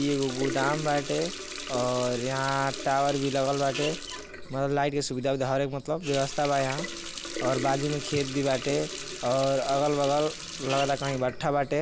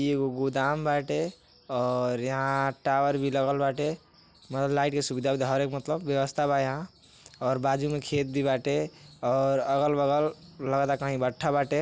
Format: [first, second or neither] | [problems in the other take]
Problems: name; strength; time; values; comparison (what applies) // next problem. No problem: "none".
second | background sound (Water tap, faucet); 9 dB below the speech